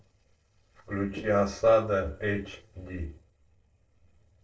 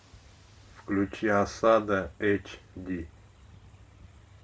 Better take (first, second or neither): second